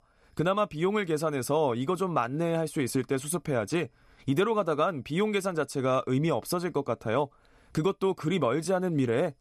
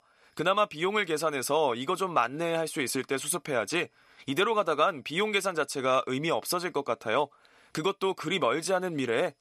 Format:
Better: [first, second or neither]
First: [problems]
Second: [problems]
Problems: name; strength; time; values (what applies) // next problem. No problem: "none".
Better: first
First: none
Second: thin; somewhat; fading below 600 Hz